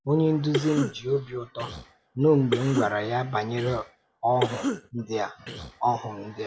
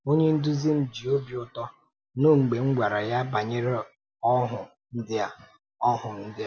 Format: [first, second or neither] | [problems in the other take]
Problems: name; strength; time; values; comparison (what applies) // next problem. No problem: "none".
second | background sound (Cough); 8 dB below the speech